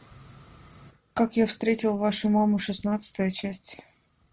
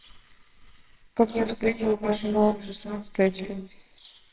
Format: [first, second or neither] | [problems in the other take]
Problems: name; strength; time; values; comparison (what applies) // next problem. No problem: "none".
first | noise reduction (neural separator model SepFormer WHAMR!)